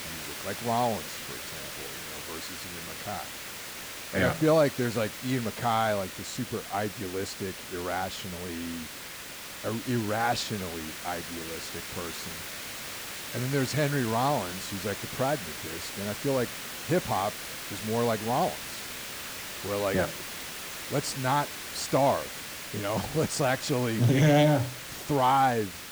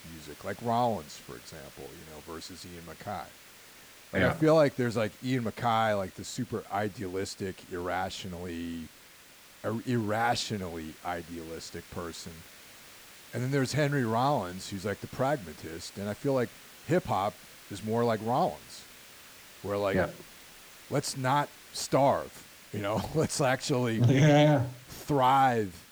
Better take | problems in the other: second | hiss; loud; throughout; 8 dB below the speech; faint in the second

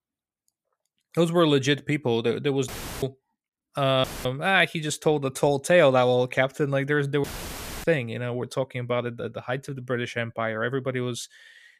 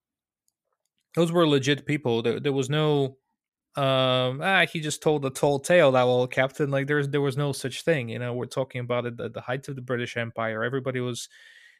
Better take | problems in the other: second | audio cutting out; filled with static; at 2.5 s, at 4 s and at 7 s for 0.5 s

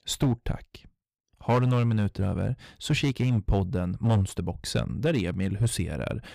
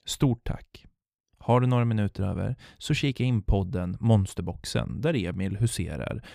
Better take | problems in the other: second | distortion; slight; 5% of the sound clipped

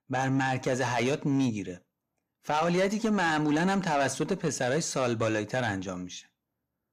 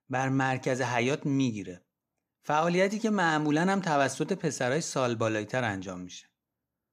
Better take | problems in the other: second | distortion; slight; 10 dB below the speech

